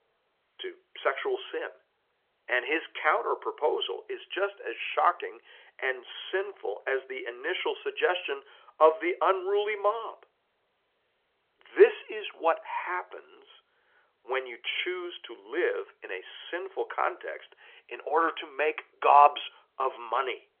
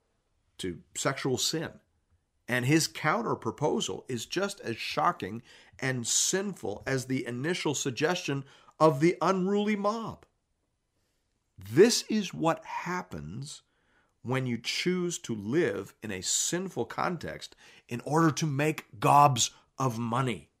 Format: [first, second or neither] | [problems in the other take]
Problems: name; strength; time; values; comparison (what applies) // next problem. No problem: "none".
second | phone-call audio; nothing above 3.5 kHz